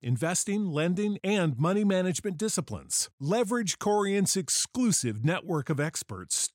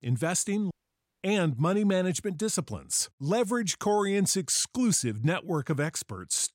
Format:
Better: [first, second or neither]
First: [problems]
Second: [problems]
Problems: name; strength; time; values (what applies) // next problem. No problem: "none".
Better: first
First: none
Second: audio cutting out; at 0.5 s for 0.5 s